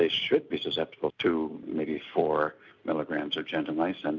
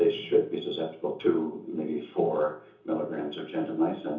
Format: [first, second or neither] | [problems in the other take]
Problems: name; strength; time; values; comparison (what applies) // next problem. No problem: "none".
first | room echo; dies away in 0.6 s